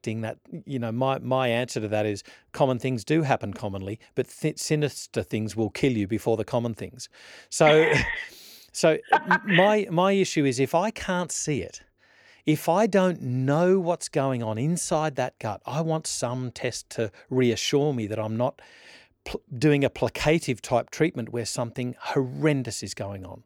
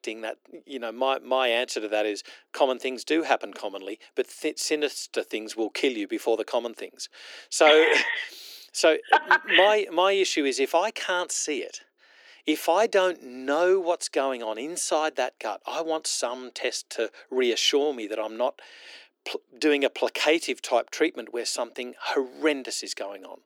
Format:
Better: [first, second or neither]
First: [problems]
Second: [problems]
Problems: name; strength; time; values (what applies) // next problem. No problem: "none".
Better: first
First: none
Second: thin; somewhat; fading below 300 Hz